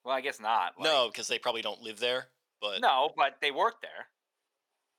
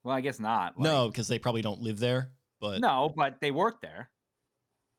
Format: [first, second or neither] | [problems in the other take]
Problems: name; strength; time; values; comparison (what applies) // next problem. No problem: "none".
second | thin; very; fading below 600 Hz